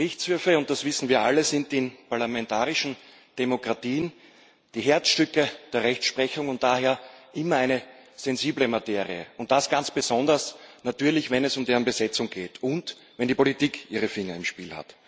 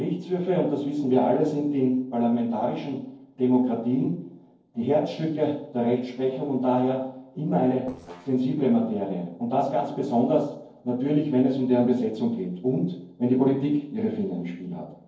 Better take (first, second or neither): first